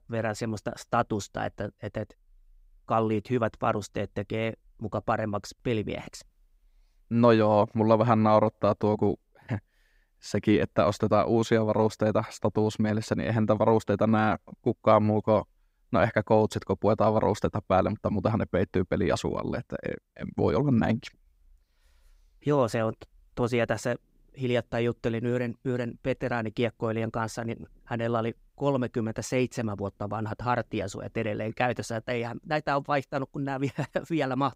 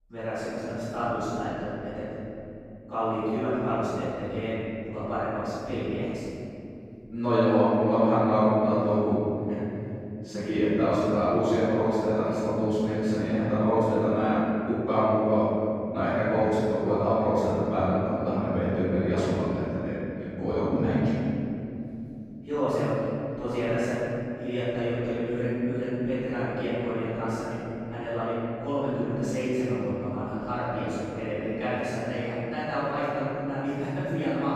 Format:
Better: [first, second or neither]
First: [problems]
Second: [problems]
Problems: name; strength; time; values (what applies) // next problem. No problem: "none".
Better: first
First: none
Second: room echo; strong; dies away in 3 s // off-mic speech; far